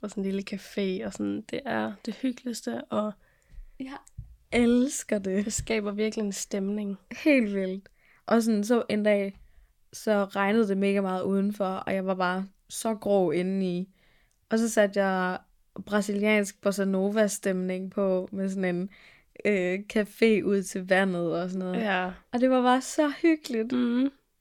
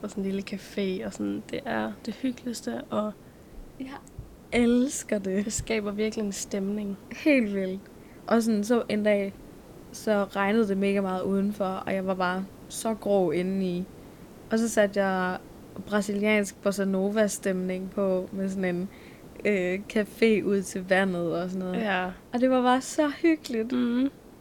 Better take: first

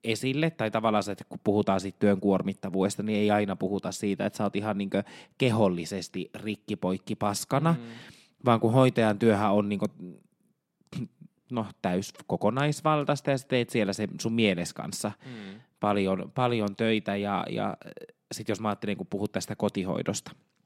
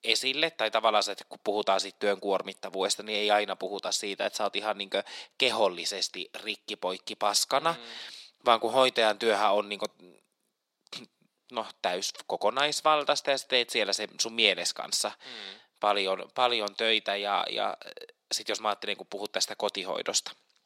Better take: first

